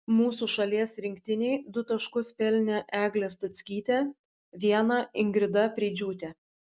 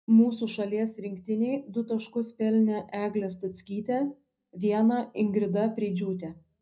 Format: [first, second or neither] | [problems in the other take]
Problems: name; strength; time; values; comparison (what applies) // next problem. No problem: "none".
first | room echo; dies away in 0.3 s